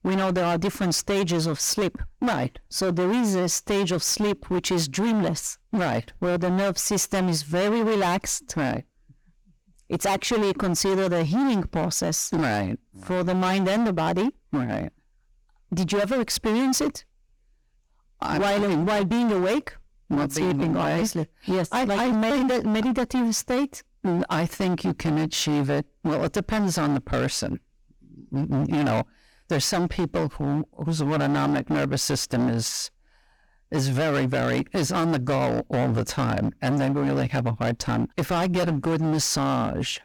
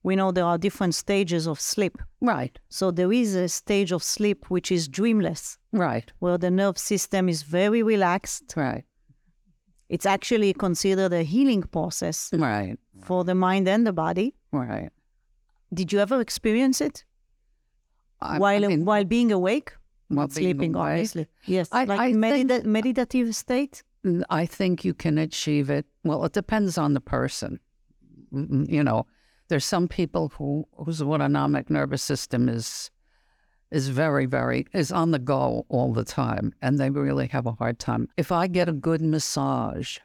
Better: second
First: distortion; heavy; 23% of the sound clipped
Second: none

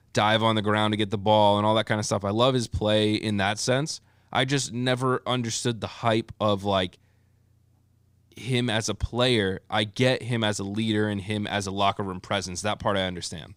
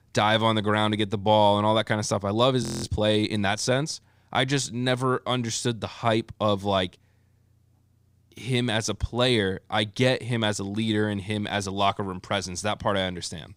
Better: first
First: none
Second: audio freezing; at 2.5 s

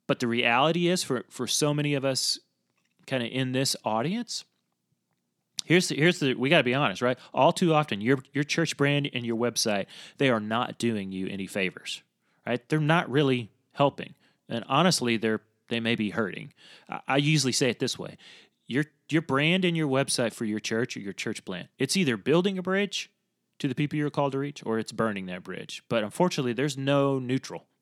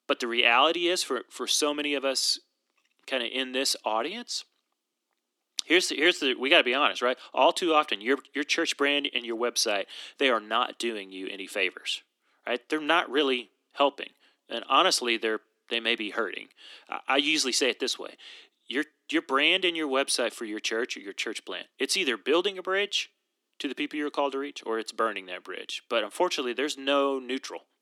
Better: first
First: none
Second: thin; somewhat; fading below 300 Hz

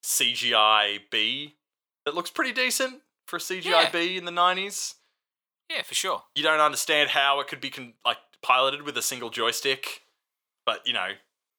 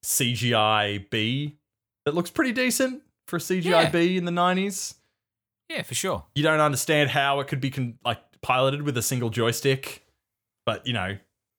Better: second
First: thin; very; fading below 450 Hz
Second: none

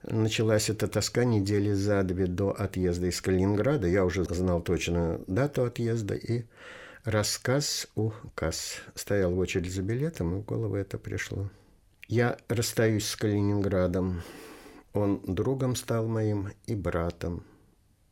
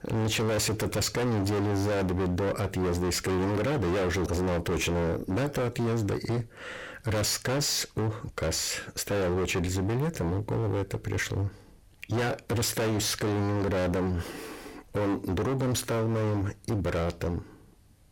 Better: first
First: none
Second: distortion; heavy; 34% of the sound clipped

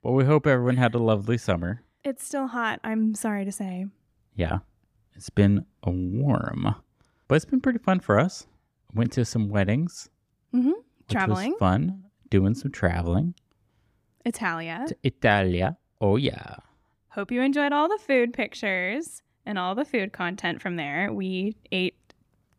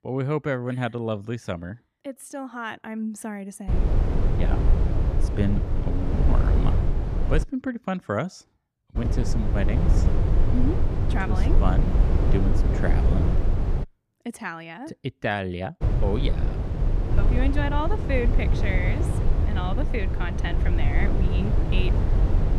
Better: first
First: none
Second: low rumble; loud; from 3.5 to 7.5 s, from 9 to 14 s and from 16 s on; 3 dB below the speech

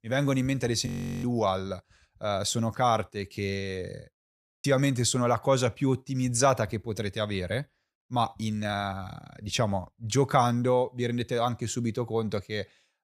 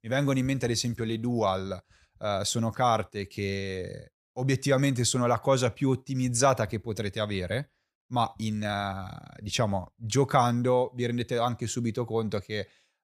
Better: second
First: audio freezing; at 1 s and at 4.5 s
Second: none

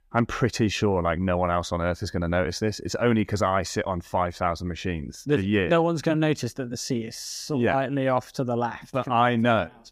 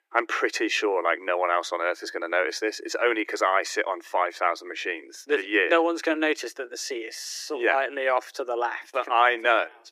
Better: first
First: none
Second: thin; very; fading below 300 Hz

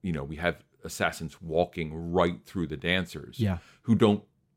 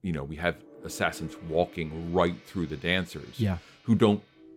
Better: first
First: none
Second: background music; faint; throughout; 20 dB below the speech

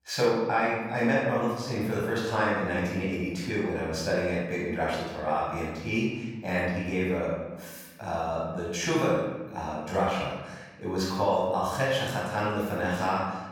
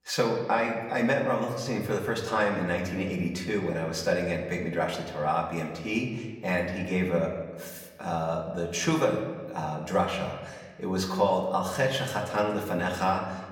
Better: second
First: room echo; strong; dies away in 1.1 s // off-mic speech; far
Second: room echo; slight; dies away in 1.2 s // off-mic speech; far

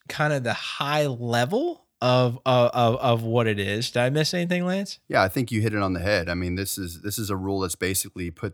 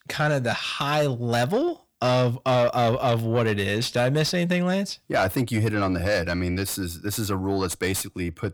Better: first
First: none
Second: distortion; slight; 10 dB below the speech

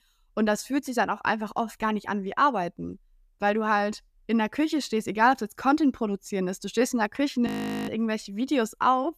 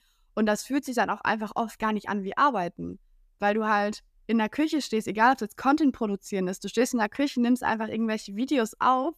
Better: second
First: audio freezing; at 7.5 s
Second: none

